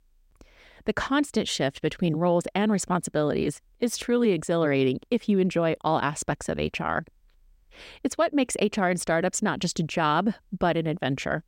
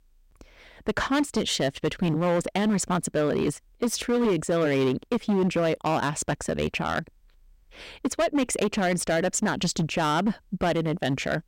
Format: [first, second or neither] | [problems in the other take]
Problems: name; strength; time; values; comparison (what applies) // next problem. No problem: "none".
first | distortion; slight; 10% of the sound clipped